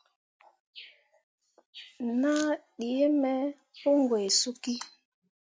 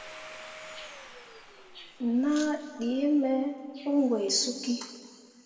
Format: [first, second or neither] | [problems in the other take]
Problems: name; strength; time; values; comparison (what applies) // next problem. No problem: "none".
first | background sound (Domestic sounds, home sounds); 19 dB below the speech // room echo; dies away in 2 s